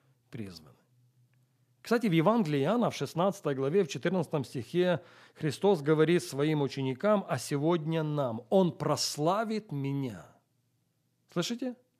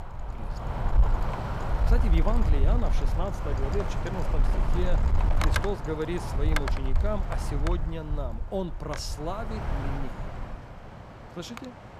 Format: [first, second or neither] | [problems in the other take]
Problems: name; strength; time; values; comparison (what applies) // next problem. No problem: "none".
first | wind noise on the microphone; heavy; 1 dB below the speech